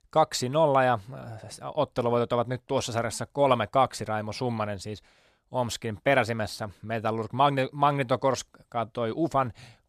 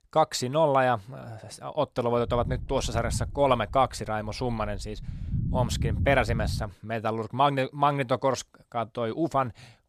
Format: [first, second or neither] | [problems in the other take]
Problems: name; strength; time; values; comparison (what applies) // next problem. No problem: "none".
first | low rumble; noticeable; from 2.5 to 6.5 s; 20 dB below the speech